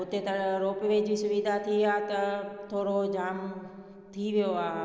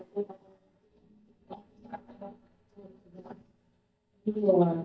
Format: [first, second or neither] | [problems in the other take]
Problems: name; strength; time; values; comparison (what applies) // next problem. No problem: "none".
first | noise reduction (neural mask model DeepFilterNet 3)